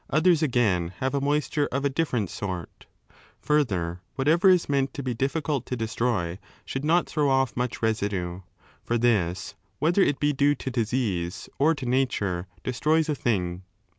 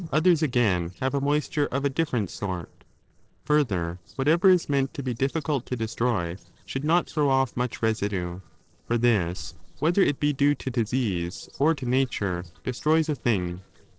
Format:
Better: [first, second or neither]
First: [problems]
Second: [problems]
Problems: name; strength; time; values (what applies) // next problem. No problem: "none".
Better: first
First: none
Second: noise reduction (neural separator model SepFormer DNS4)